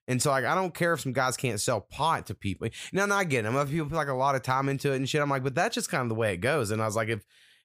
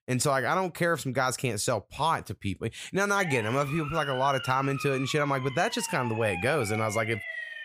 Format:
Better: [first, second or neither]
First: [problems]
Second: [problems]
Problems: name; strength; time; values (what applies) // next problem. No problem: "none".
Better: first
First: none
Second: siren; noticeable; from 3 s on; peak 7 dB below the speech